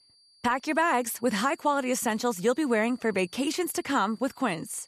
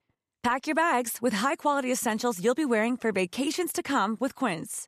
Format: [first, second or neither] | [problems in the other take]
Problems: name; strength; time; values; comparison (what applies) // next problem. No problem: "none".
second | high-pitched whine; faint; throughout; 4.5 kHz, 30 dB below the speech